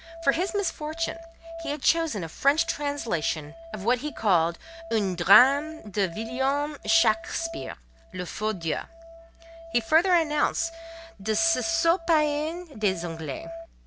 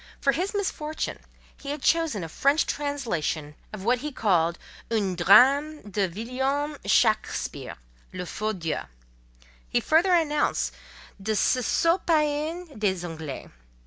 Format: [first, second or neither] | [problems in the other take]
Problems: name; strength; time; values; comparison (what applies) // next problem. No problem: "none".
second | background sound (Musical instrument); 15 dB below the speech